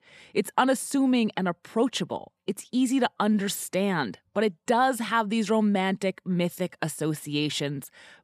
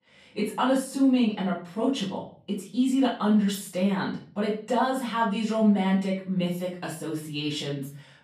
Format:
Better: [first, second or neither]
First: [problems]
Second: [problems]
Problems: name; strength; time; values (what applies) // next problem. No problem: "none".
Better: first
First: none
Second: off-mic speech; far // room echo; slight; dies away in 0.4 s